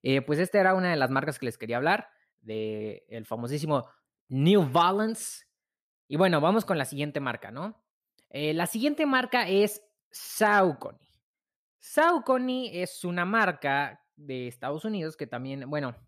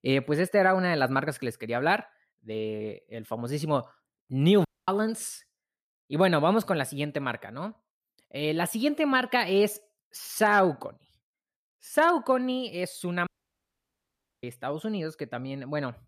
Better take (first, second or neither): first